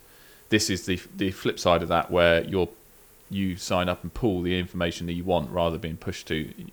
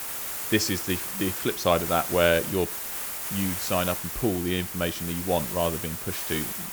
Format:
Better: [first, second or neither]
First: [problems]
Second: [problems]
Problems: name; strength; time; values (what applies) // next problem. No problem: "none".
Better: first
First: hiss; faint; throughout; 25 dB below the speech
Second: hiss; loud; throughout; 3 dB below the speech